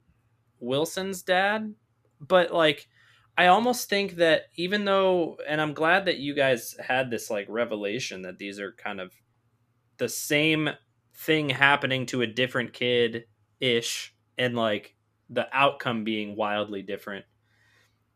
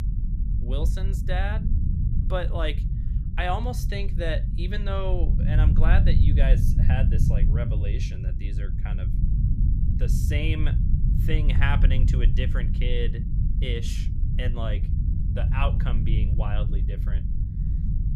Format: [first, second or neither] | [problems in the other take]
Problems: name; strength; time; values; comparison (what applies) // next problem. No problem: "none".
first | low rumble; loud; throughout; 7 dB below the speech